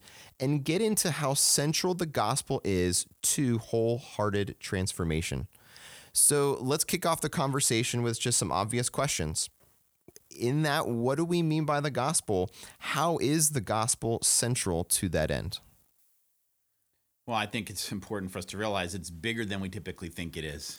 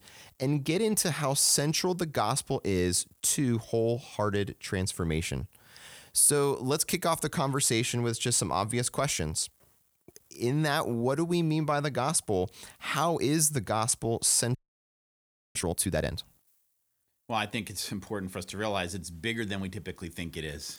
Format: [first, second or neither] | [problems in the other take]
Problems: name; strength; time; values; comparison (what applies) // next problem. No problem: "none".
first | audio freezing; at 15 s for 1 s